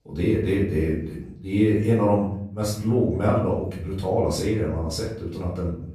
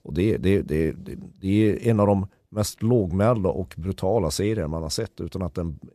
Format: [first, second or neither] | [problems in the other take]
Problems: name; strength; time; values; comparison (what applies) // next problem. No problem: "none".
second | off-mic speech; far // room echo; noticeable; dies away in 0.5 s